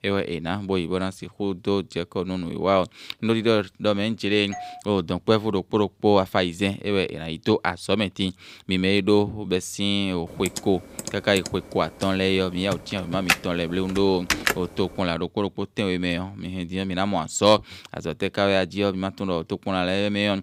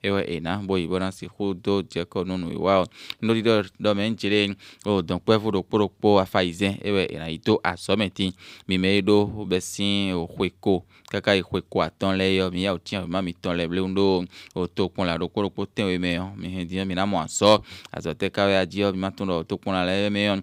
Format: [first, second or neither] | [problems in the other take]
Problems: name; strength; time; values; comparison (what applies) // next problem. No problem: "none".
second | doorbell; faint; at 4.5 s; peak 15 dB below the speech // keyboard typing; loud; from 10 to 15 s; peak 2 dB above the speech